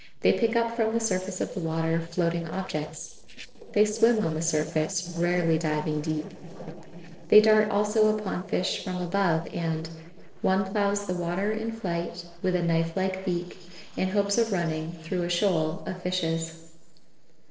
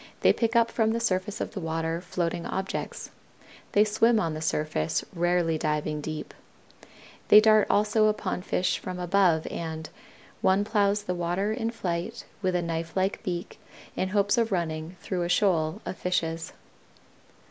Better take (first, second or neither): second